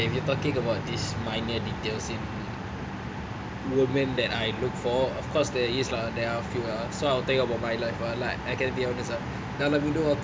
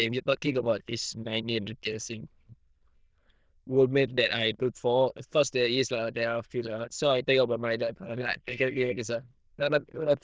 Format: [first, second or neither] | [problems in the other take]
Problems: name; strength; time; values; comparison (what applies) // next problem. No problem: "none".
first | noise reduction (neural diffusion model UNIVERSE++)